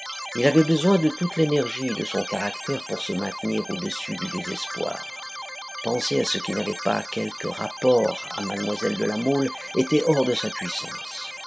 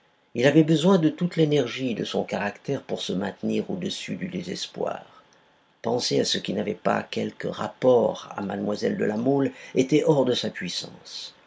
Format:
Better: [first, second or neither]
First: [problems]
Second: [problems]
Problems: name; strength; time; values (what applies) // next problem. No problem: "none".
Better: second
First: background sound (Keyboard (musical)); 10 dB below the speech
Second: none